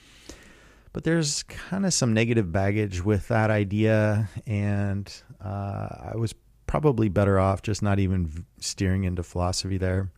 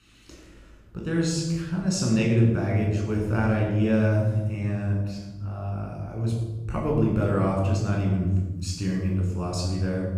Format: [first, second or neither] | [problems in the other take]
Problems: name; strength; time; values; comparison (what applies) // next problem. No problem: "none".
first | off-mic speech; far // room echo; noticeable; dies away in 1.5 s